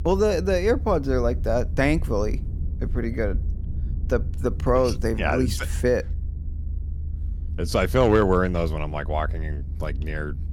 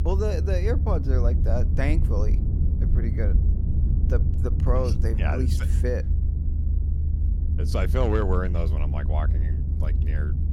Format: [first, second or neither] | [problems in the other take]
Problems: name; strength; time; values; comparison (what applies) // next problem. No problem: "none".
first | low rumble; loud; throughout; 8 dB below the speech; faint in the first